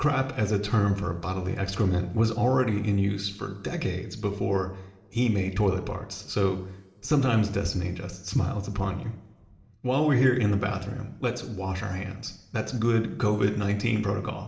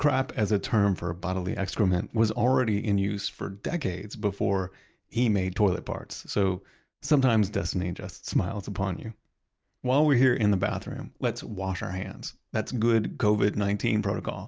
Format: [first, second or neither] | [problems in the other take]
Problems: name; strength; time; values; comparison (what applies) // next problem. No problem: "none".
second | room echo; dies away in 1.6 s